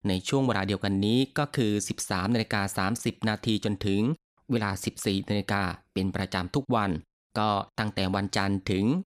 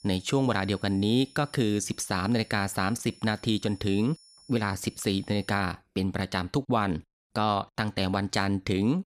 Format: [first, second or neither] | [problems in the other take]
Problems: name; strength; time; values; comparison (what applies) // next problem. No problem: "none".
first | high-pitched whine; faint; until 5.5 s; 5.5 kHz, 25 dB below the speech